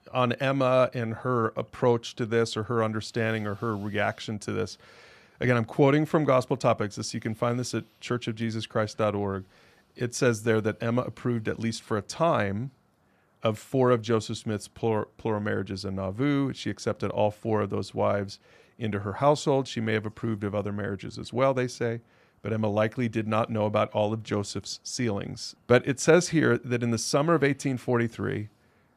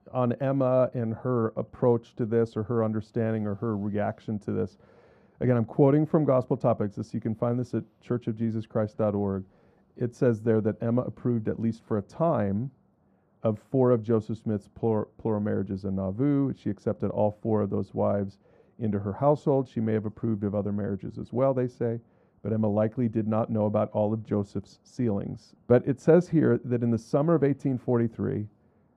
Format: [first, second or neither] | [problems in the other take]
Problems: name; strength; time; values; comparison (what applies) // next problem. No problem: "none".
first | muffled; very; fading above 1.5 kHz